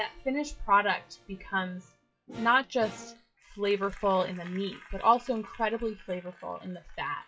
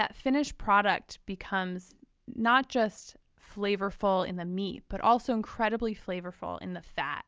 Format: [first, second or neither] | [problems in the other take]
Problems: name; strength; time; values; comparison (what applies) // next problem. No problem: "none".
second | noise reduction (classical method WPE with log-MMSE)